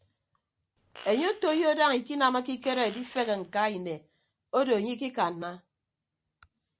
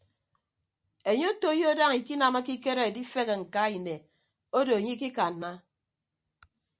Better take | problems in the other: second | background sound (Fart); 19 dB below the speech

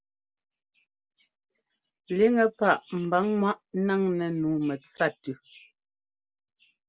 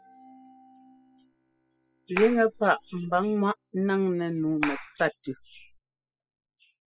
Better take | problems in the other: first | noise reduction (classical method spectral subtraction)

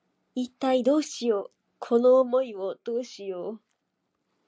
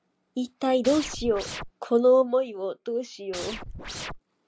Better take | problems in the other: first | background sound (Scratching (performance technique)); 10 dB below the speech

